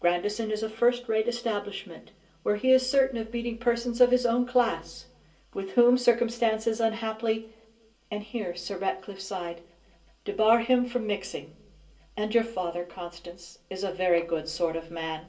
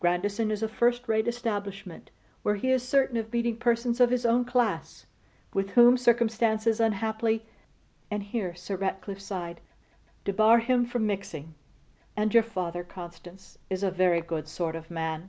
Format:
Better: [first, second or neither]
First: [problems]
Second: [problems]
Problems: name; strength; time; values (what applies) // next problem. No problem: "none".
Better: second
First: room echo; dies away in 0.2 s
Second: none